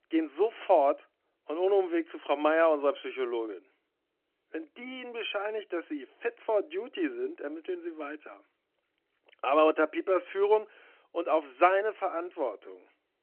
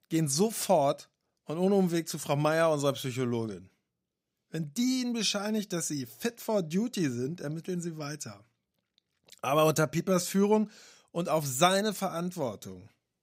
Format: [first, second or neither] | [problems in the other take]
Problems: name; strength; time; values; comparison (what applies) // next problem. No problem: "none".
second | phone-call audio